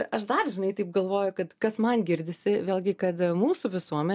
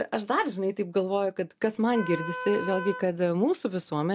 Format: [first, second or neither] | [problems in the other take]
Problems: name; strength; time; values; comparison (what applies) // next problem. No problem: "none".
first | background sound (Wind instrument, woodwind instrument); 9 dB below the speech